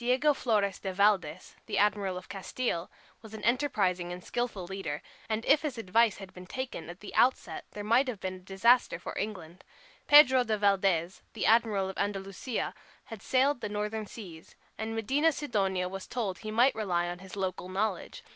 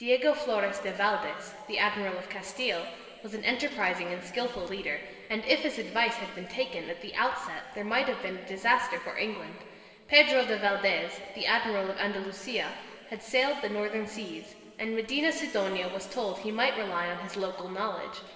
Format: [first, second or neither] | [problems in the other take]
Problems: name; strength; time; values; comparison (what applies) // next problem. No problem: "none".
first | room echo; dies away in 2.5 s